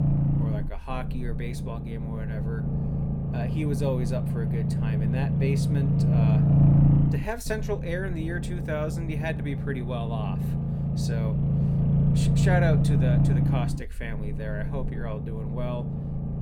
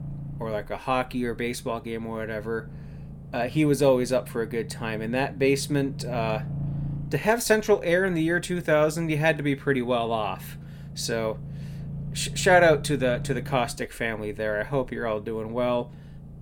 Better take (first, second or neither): second